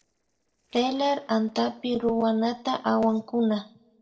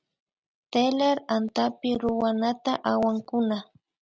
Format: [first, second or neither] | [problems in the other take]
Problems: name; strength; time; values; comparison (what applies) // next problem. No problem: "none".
second | noise reduction (neural separator model SepFormer DNS4)